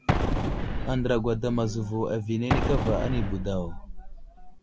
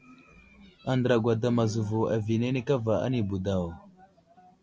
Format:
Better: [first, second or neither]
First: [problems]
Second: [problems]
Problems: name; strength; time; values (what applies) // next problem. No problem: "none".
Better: second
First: background sound (Explosion); as loud as the speech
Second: none